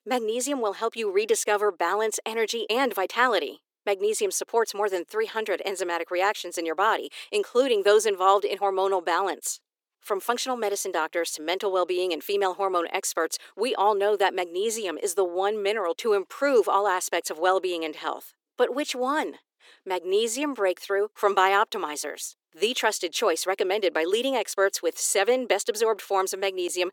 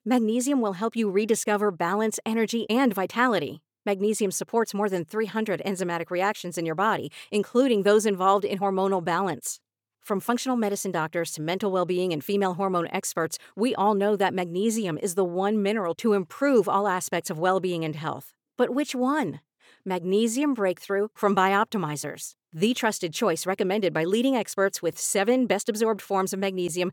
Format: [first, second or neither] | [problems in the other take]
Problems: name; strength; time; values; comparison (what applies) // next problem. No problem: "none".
second | thin; somewhat; fading below 350 Hz